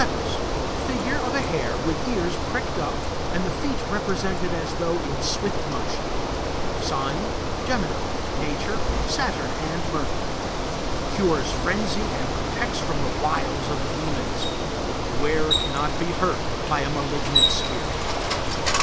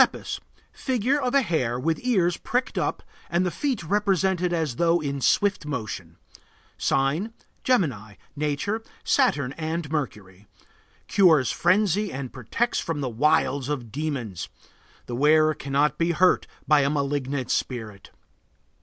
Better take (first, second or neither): second